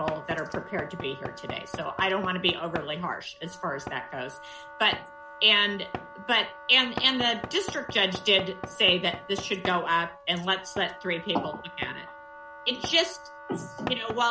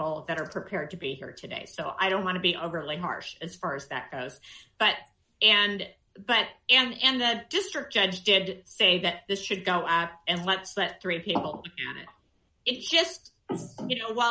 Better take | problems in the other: second | background sound (Knock / Wood + Wind instrument, woodwind instrument); 12 dB below the speech

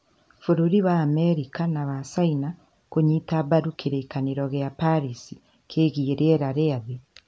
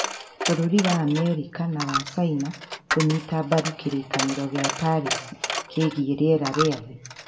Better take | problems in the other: first | background sound (Coin (dropping)); 6 dB below the speech // room echo; dies away in 0.7 s

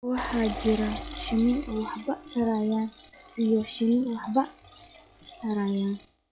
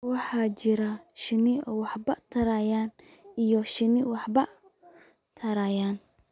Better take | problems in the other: second | noise reduction (classical method log-MMSE)

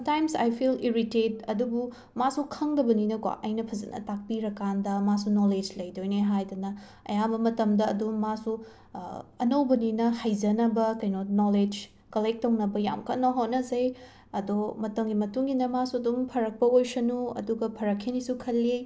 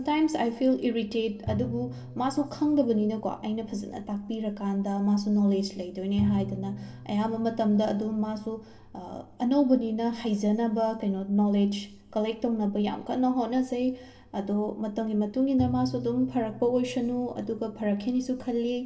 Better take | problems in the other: first | background sound (Bowed string instrument); 13 dB below the speech // room echo; dies away in 0.8 s

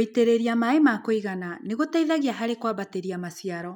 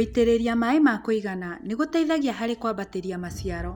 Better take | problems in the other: first | background sound (Crowd); 18 dB below the speech

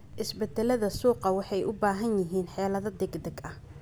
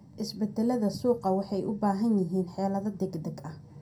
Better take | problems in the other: first | room echo; dies away in 0.2 s

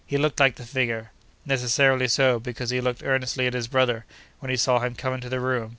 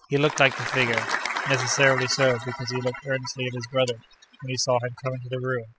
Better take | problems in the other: first | noise reduction (classical method spectral subtraction)

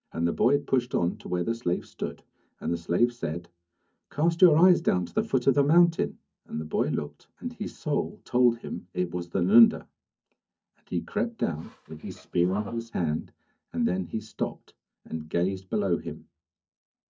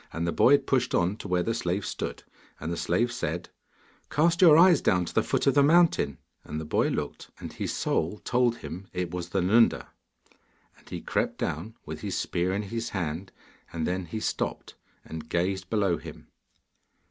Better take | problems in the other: second | noise reduction (neural mask model DeepFilterNet 3)

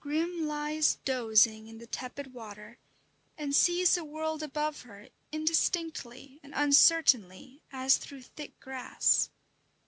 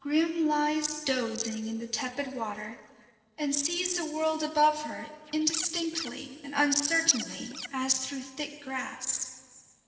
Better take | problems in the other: first | noise reduction (neural separator model SepFormer DNS4)

